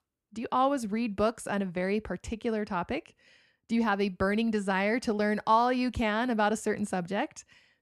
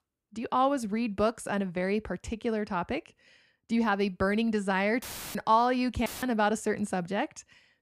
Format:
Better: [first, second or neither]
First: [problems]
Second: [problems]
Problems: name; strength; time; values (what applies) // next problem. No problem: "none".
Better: first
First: none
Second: audio cutting out; filled with static; at 5 s and at 6 s